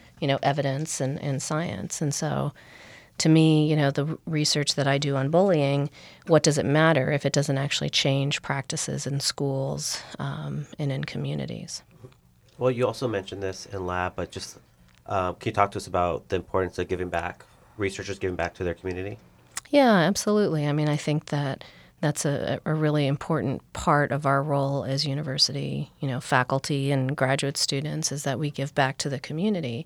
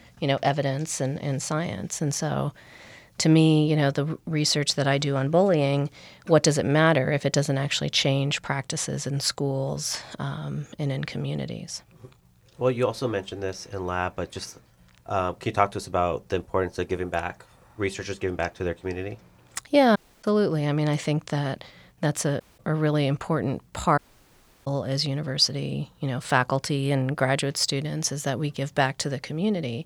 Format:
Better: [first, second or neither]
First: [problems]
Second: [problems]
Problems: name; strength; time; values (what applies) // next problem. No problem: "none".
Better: first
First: none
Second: audio cutting out; at 20 s, at 22 s and at 24 s for 0.5 s